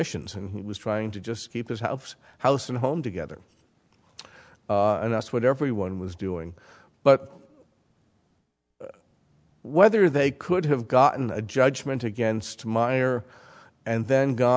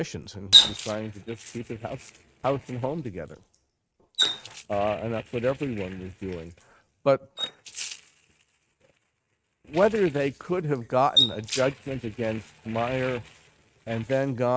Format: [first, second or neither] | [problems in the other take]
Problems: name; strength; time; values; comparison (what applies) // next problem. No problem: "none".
first | noise reduction (neural mask model RNNoise)